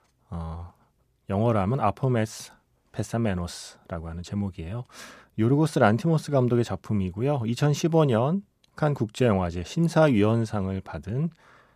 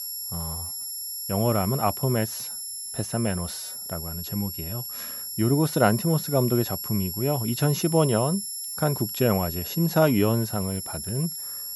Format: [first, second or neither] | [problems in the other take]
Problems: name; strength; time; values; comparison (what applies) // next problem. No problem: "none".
first | high-pitched whine; loud; throughout; 11.5 kHz, 5 dB below the speech